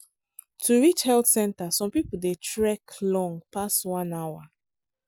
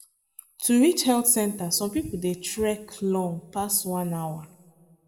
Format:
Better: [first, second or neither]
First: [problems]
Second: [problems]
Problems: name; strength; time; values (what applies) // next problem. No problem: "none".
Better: first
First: none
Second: room echo; dies away in 1.8 s